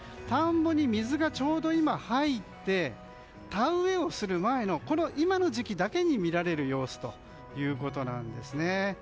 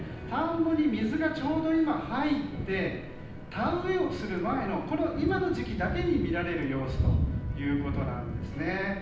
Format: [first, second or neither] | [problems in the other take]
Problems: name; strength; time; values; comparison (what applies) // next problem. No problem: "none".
first | background sound (Thunder / Rain); 5 dB below the speech // room echo; dies away in 0.9 s